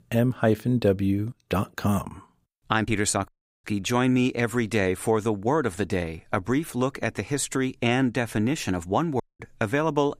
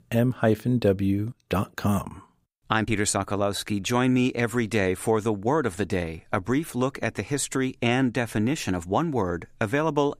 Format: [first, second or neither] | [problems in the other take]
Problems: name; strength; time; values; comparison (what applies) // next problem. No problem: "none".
second | audio cutting out; at 3.5 s and at 9 s